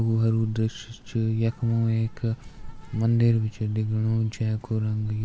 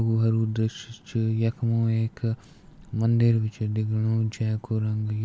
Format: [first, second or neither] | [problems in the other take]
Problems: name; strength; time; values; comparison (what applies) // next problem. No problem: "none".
second | background sound (Insect); 17 dB below the speech